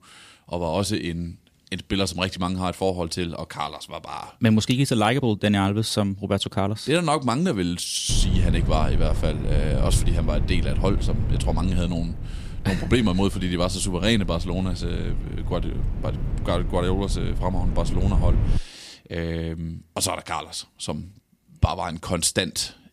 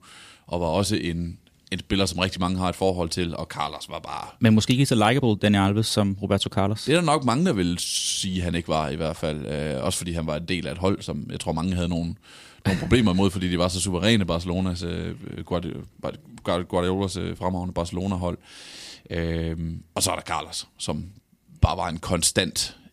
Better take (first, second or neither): second